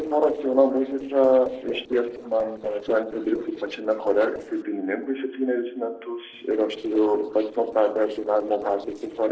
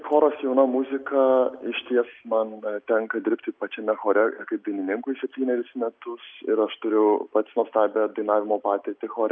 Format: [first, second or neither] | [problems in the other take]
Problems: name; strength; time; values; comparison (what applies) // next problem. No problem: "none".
second | noise reduction (neural separator model SepFormer DNS4)